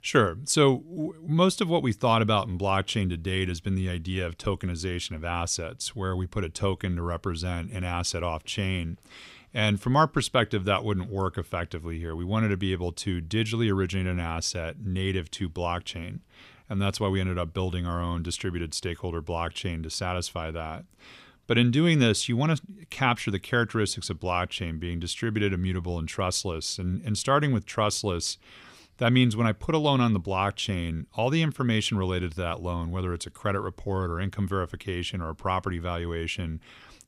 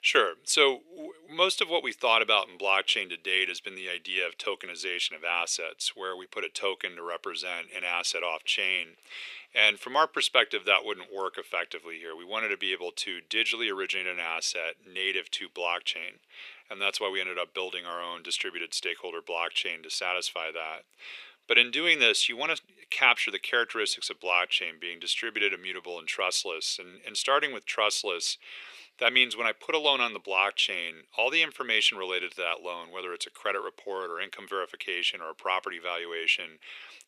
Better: first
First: none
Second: thin; very; fading below 400 Hz

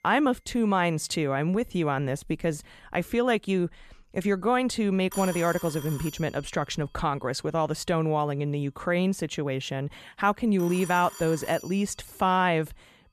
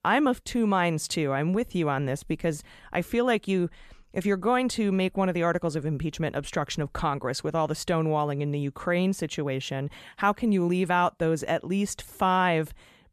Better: second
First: alarms or sirens; noticeable; throughout; 15 dB below the speech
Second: none

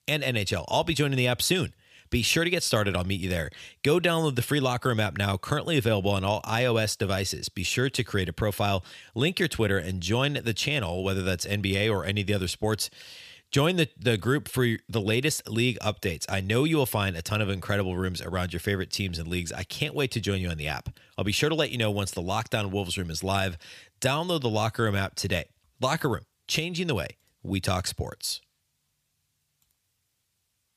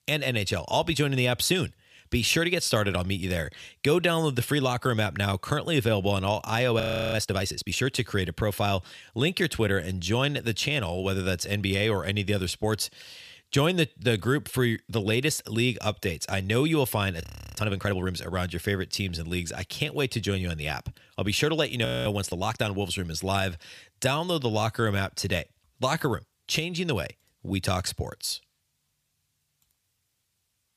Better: first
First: none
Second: audio freezing; at 7 s, at 17 s and at 22 s

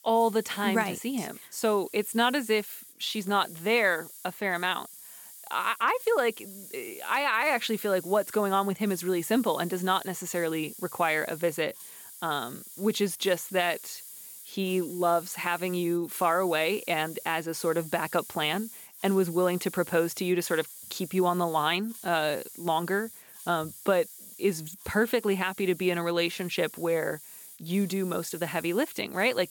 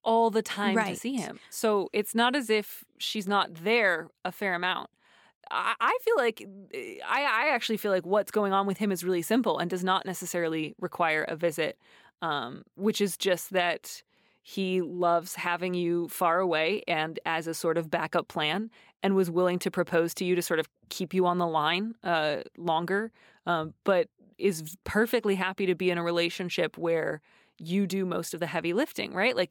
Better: second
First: hiss; noticeable; throughout; 15 dB below the speech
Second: none

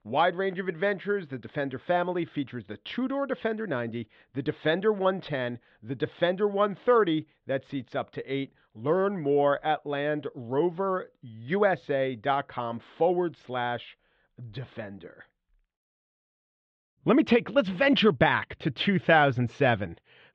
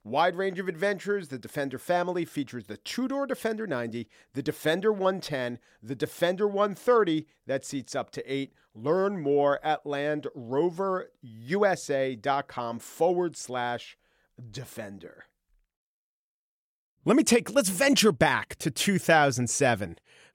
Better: second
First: muffled; very; fading above 3.5 kHz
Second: none

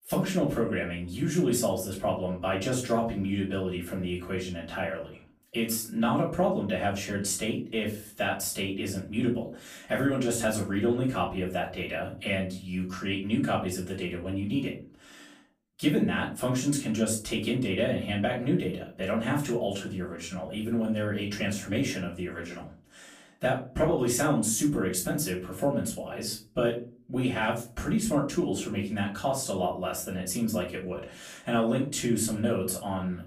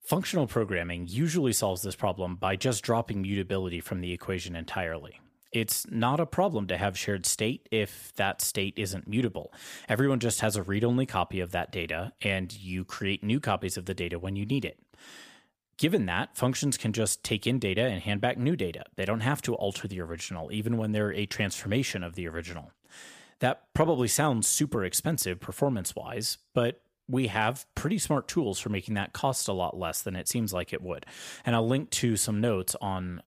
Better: second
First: off-mic speech; far // room echo; slight; dies away in 0.3 s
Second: none

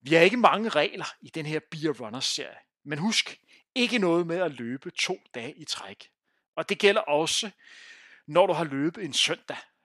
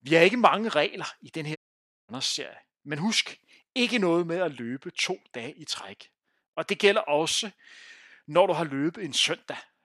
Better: first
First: none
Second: audio cutting out; at 1.5 s for 0.5 s

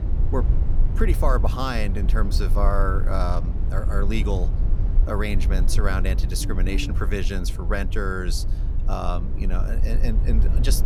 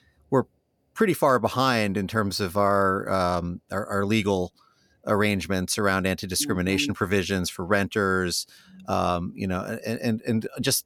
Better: second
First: low rumble; noticeable; throughout; 10 dB below the speech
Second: none

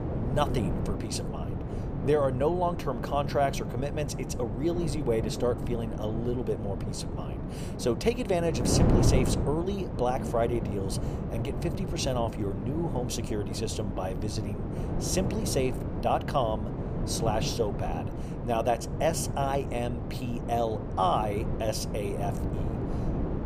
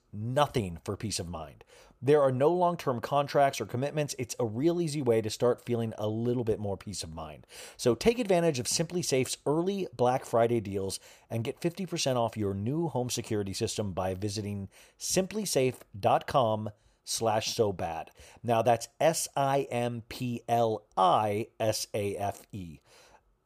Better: second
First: wind noise on the microphone; heavy; 8 dB below the speech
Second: none

